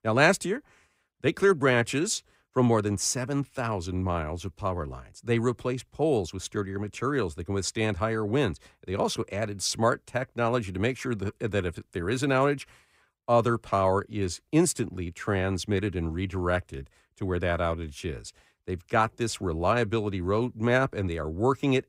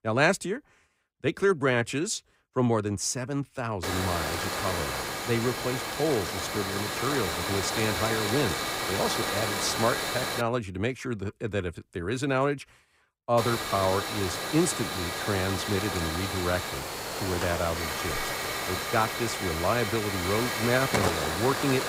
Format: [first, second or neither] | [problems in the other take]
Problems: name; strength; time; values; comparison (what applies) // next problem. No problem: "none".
first | hiss; loud; from 4 to 10 s and from 13 s on; 1 dB below the speech